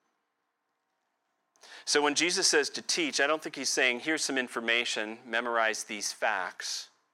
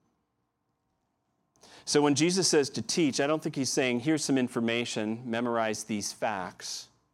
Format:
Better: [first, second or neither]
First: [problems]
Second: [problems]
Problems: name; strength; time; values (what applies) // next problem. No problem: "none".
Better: second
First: thin; somewhat; fading below 450 Hz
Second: none